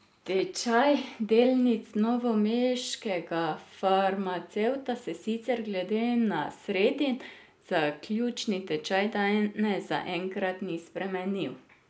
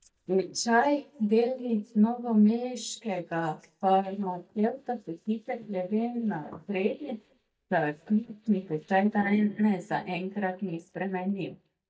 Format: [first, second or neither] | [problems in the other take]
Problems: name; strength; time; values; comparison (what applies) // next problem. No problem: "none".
first | noise reduction (neural mask model DeepFilterNet 3)